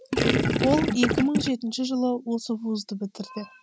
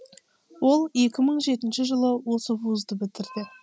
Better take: second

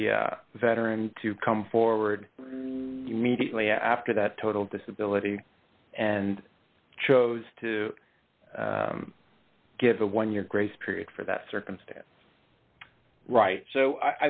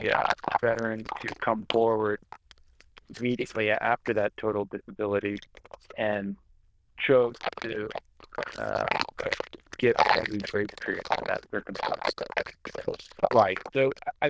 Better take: first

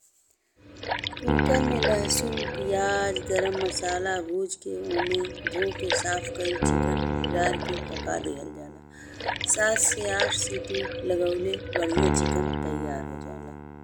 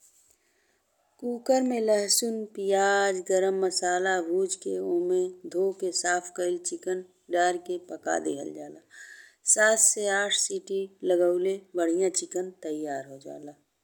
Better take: second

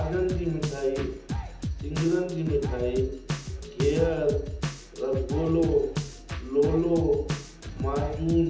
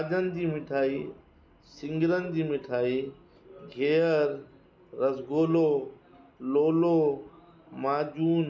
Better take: second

